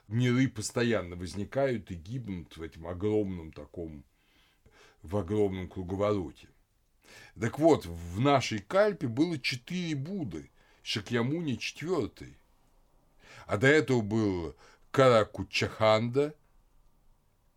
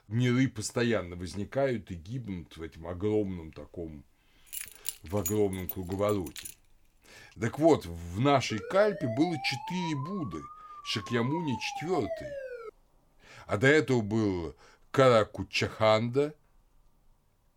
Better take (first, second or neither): first